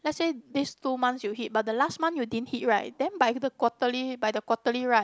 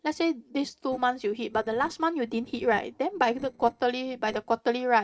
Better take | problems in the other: first | noise reduction (neural separator model SepFormer DNS4)

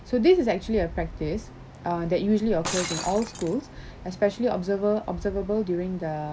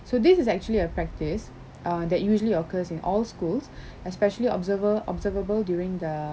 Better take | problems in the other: second | background sound (Shatter); 15 dB below the speech

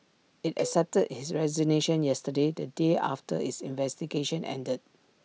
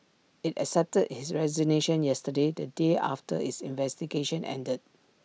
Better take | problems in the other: second | background sound (Cowbell); 14 dB below the speech

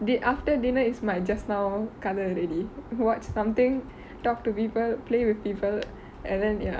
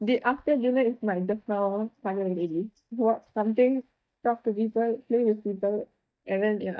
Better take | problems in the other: first | noise reduction (neural mask model DeepFilterNet 3)

